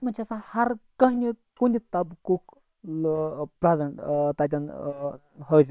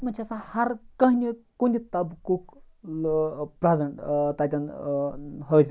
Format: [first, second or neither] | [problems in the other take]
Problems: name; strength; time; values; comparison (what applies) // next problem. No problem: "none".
second | noise reduction (neural separator model SepFormer WHAM!)